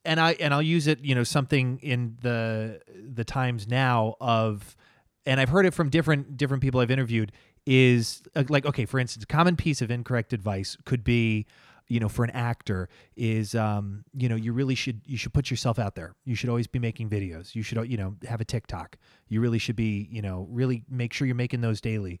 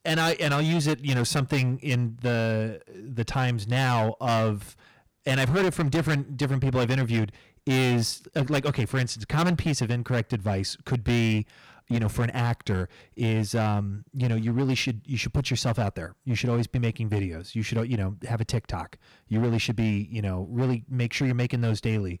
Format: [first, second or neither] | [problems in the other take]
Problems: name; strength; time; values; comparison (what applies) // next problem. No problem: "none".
first | distortion; heavy; 13% of the sound clipped